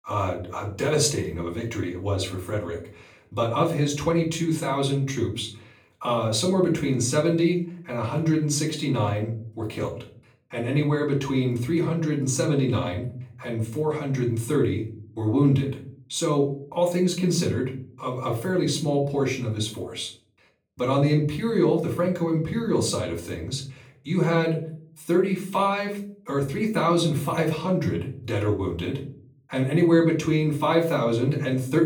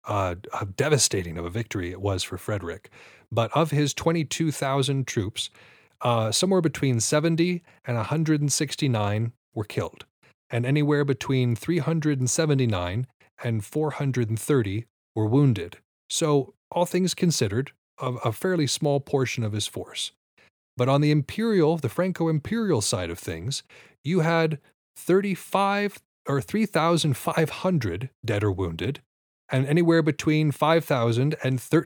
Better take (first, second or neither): second